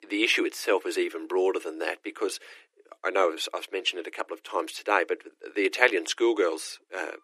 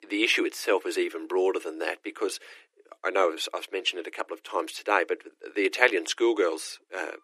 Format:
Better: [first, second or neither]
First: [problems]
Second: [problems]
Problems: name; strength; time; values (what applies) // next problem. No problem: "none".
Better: neither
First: thin; very; fading below 300 Hz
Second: thin; very; fading below 300 Hz